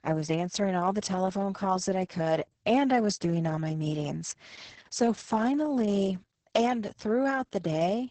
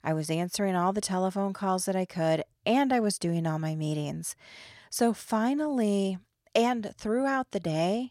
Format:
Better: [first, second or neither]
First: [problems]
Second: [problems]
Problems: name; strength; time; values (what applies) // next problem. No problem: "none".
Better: second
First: garbled, watery; badly; nothing above 8 kHz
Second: none